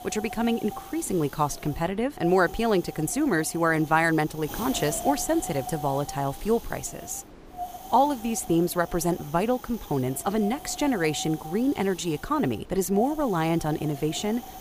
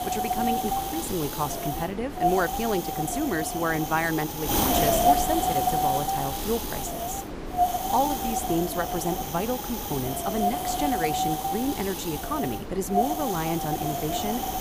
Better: first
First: wind noise on the microphone; occasional gusts; 15 dB below the speech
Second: wind noise on the microphone; heavy; 3 dB above the speech

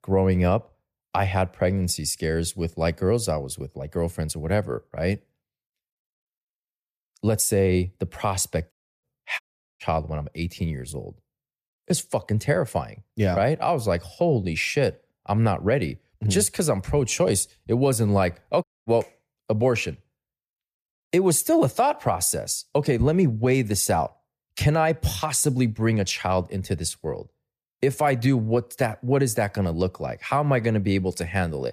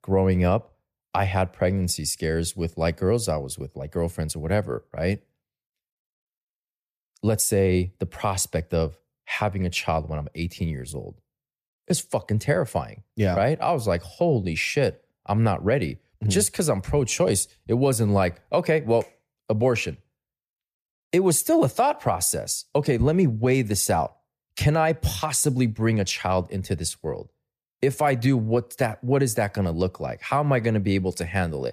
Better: second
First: audio cutting out; at 8.5 s, at 9.5 s and at 19 s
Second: none

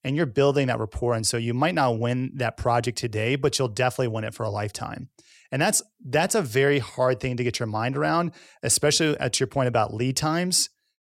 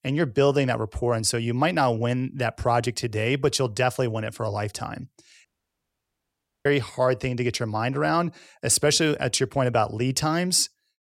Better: first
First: none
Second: audio cutting out; at 5.5 s for 1 s

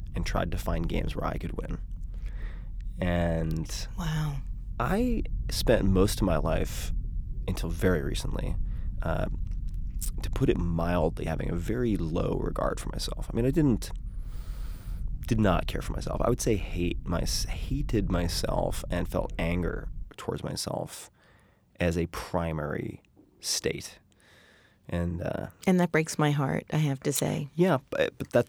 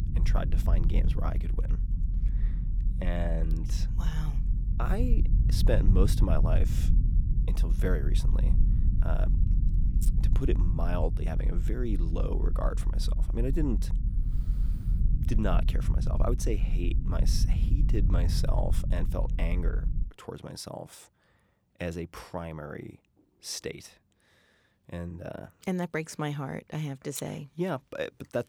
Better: first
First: low rumble; faint; until 20 s; 25 dB below the speech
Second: low rumble; loud; until 20 s; 8 dB below the speech

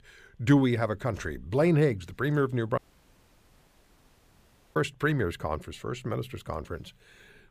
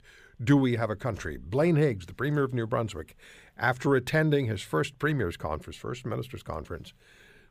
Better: second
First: audio cutting out; at 3 s for 2 s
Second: none

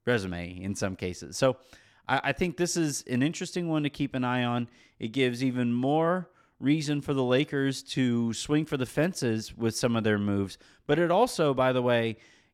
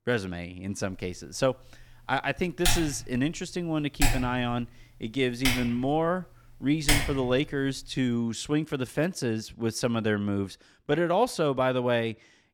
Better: first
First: none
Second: keyboard typing; loud; from 2.5 to 7 s; peak 3 dB above the speech

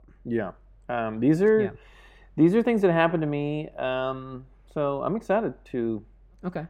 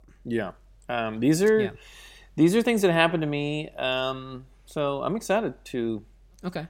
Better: second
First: muffled; very; fading above 3 kHz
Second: none

